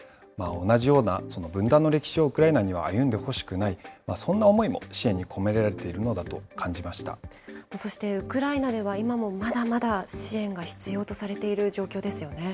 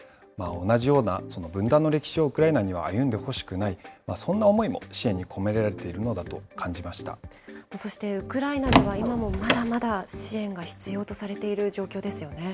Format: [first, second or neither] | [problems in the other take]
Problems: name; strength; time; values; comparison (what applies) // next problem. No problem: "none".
first | background sound (Door); 2 dB above the speech